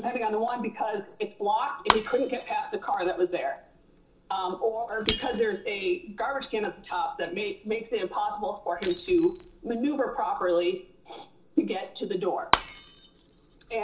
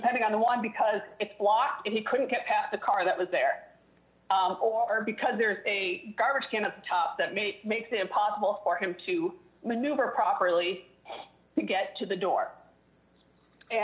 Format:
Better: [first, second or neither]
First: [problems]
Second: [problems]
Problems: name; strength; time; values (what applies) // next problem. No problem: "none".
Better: second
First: background sound (Shatter); 9 dB below the speech // room echo; dies away in 0.2 s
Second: none